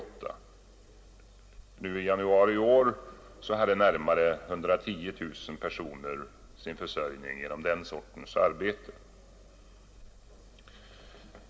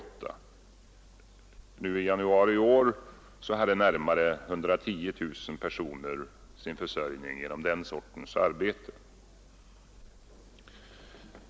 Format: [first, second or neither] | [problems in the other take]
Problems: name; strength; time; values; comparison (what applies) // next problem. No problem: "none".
second | room echo; dies away in 1.6 s